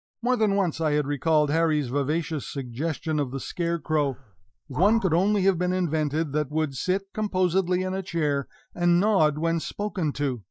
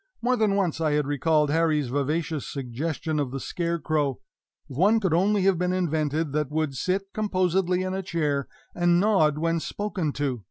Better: second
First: noise reduction (neural mask model DeepFilterNet 3)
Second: none

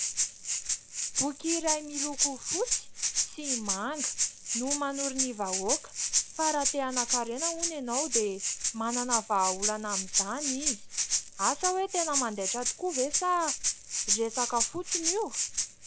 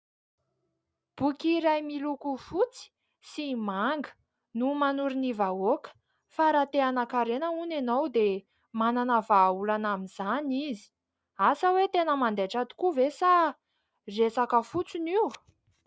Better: second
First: background sound (Rattle (instrument)); 2 dB above the speech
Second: none

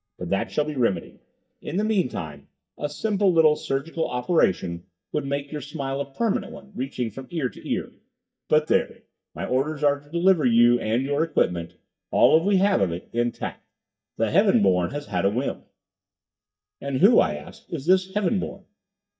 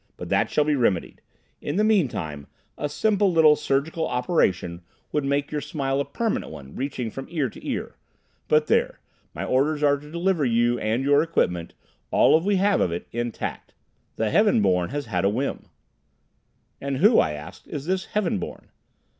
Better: second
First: noise reduction (neural mask model DeepFilterNet 3)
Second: none

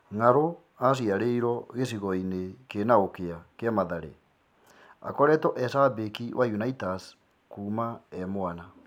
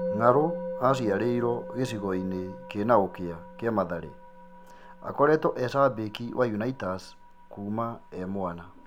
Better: first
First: none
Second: background sound (Musical instrument); 11 dB below the speech

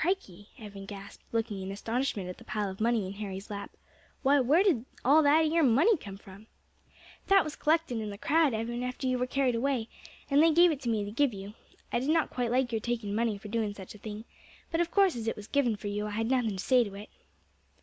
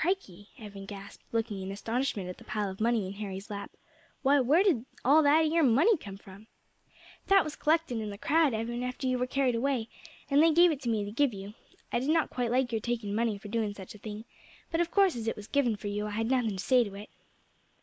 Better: first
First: none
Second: noise reduction (neural mask model Resemble Enhance denoiser)

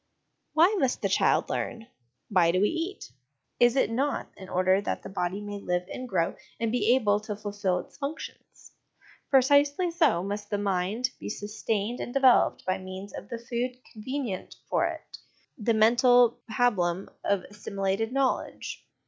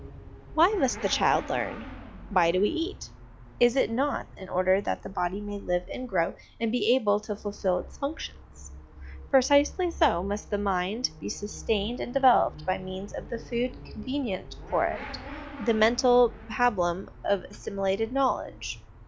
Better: first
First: none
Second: background sound (Motorcycle / Accelerating, revving, vroom); 15 dB below the speech

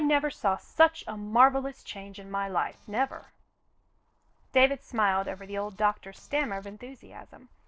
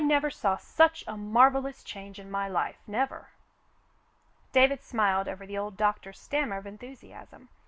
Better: second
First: noise reduction (neural separator model SepFormer DNS4)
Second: none

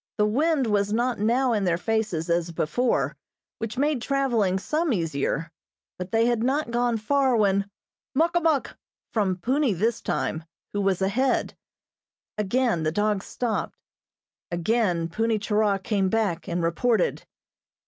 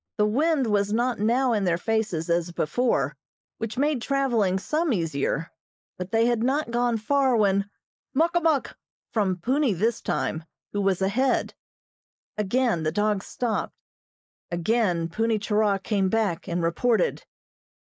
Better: first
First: none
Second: noise reduction (neural mask model Resemble Enhance denoiser)

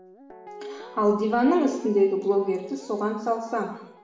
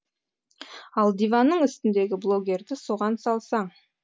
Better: second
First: background sound (Guitar); 17 dB below the speech // room echo; dies away in 0.9 s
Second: none

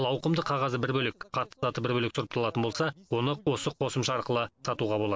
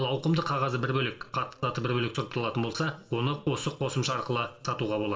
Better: first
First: none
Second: room echo; dies away in 1.4 s

